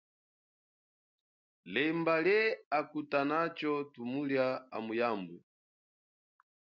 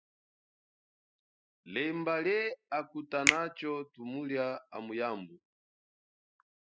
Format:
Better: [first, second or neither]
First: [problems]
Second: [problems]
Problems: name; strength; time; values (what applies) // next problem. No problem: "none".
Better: first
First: none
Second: noise reduction (classical method spectral subtraction)